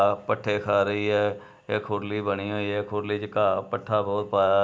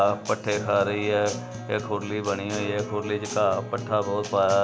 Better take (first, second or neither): first